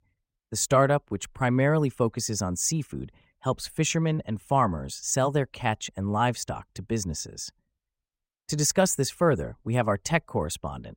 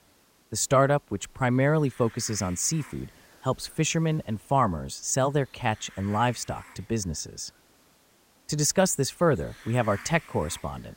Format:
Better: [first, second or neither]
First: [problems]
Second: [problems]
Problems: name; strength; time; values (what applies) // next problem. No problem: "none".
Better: first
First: none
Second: hiss; faint; throughout; 25 dB below the speech